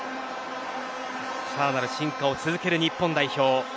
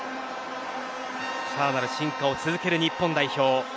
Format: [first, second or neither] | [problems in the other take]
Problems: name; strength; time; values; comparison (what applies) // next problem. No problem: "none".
first | background sound (Trumpet); 13 dB below the speech